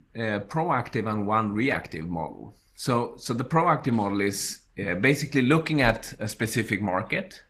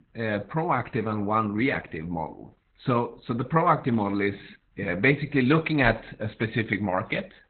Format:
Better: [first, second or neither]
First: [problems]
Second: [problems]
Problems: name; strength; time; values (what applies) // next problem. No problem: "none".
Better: first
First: garbled, watery; slightly; nothing above 14.5 kHz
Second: garbled, watery; badly; nothing above 4 kHz